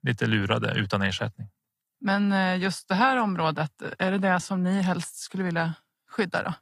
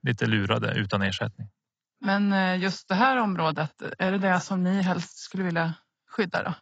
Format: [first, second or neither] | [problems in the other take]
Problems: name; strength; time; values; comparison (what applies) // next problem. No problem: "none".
first | garbled, watery; badly; nothing above 7.5 kHz; slightly in the first